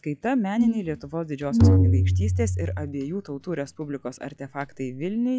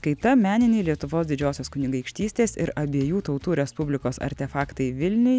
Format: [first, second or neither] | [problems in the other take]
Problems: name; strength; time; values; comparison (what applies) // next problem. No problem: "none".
second | noise reduction (classical method log-MMSE)